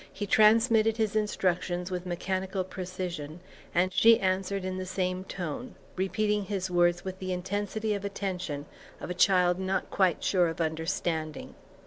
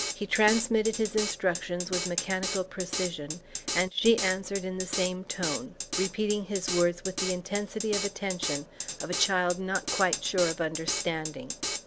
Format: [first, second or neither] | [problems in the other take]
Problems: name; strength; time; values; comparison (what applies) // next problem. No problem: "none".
first | background sound (Drum kit); 6 dB below the speech